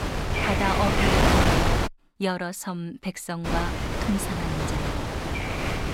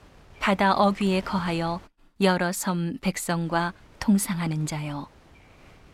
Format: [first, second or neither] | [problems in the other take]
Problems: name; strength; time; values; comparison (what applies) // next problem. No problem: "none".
second | wind noise on the microphone; heavy; until 2 s and from 3.5 s on; 5 dB above the speech; occasional gusts in the second